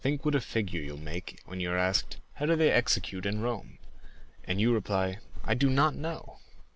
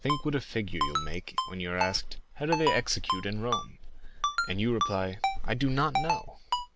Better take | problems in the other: first | background sound (Ringtone); 3 dB below the speech

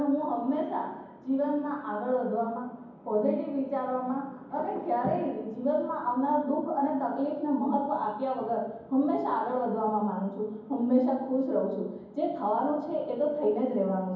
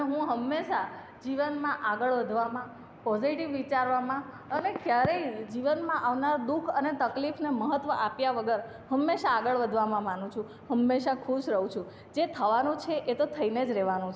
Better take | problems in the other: second | room echo; dies away in 1.2 s

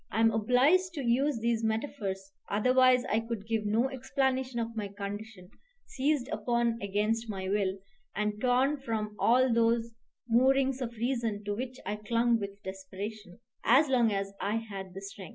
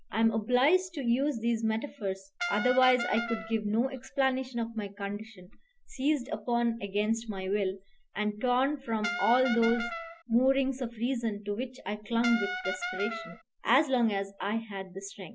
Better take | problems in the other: first | background sound (Brass instrument); 5 dB below the speech

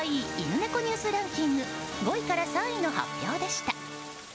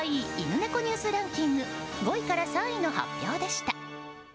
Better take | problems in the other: second | background sound (Stream); 16 dB below the speech

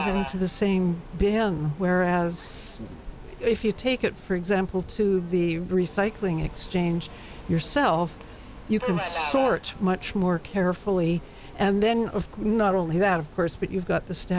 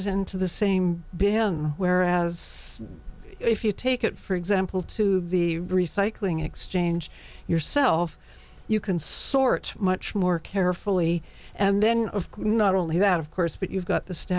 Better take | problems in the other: second | background sound (Subway, metro, underground); 15 dB below the speech

